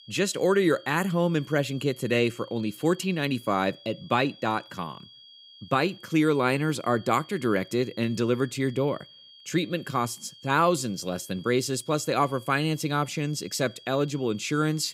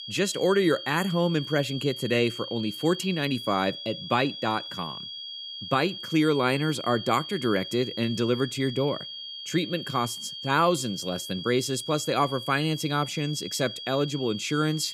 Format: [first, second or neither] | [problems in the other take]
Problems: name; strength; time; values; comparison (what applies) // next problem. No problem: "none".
first | high-pitched whine; loud; throughout; 3.5 kHz, 9 dB below the speech; faint in the first